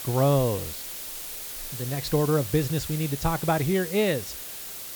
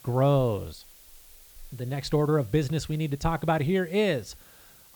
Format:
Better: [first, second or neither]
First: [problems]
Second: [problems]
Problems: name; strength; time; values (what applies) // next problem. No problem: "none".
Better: second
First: hiss; loud; throughout; 8 dB below the speech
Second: hiss; faint; throughout; 25 dB below the speech